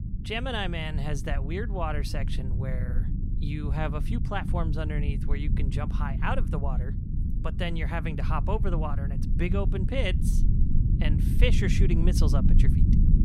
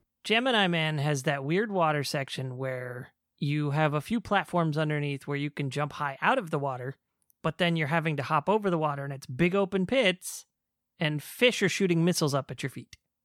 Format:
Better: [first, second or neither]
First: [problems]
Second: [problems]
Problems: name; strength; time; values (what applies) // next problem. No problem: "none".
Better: second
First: low rumble; loud; throughout; 7 dB below the speech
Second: none